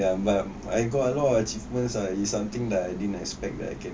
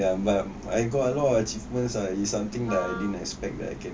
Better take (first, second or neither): first